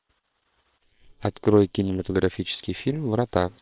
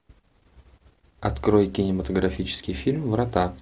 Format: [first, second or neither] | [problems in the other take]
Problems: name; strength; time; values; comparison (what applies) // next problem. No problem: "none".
second | noise reduction (neural separator model SepFormer WHAM!)